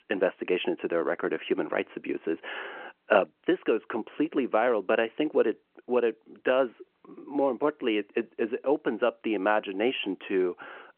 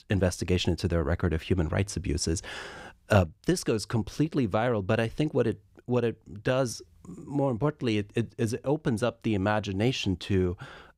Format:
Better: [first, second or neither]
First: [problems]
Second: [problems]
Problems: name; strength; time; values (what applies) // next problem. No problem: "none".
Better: second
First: phone-call audio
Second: none